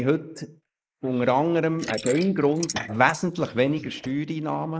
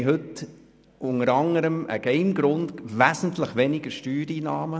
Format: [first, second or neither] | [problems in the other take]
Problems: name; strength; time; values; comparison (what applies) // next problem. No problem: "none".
second | noise reduction (neural mask model Resemble Enhance denoiser)